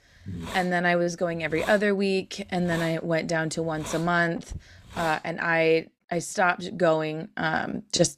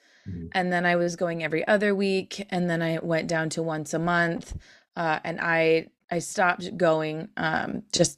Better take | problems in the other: second | hiss; noticeable; until 5.5 s; 15 dB below the speech

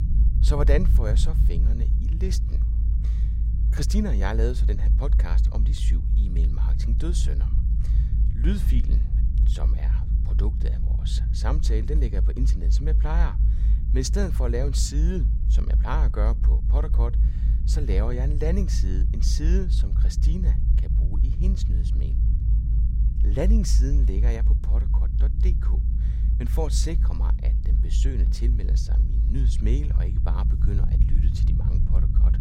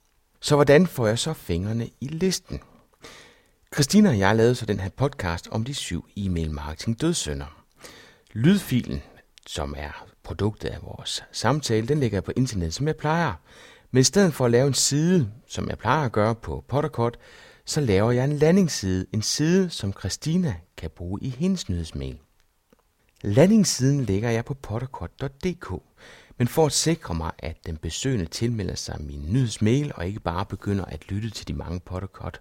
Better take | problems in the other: second | low rumble; loud; throughout; 7 dB below the speech

